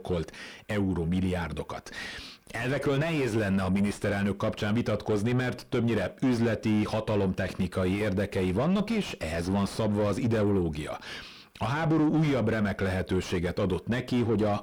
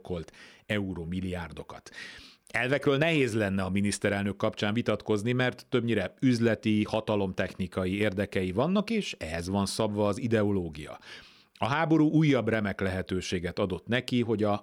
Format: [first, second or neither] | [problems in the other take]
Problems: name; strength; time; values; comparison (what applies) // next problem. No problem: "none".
second | distortion; heavy; 6 dB below the speech